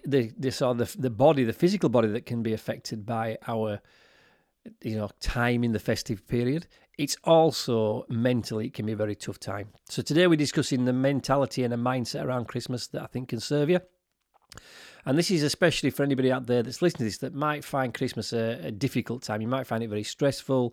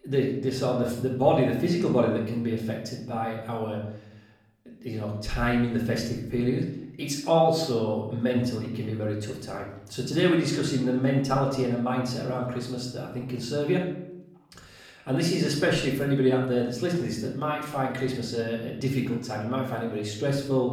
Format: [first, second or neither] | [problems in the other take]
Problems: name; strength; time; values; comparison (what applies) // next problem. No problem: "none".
first | room echo; noticeable; dies away in 0.6 s // off-mic speech; far